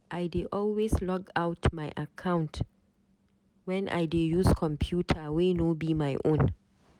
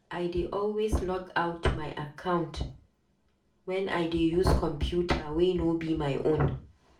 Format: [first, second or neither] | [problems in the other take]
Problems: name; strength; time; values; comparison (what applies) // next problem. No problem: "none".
first | room echo; dies away in 0.3 s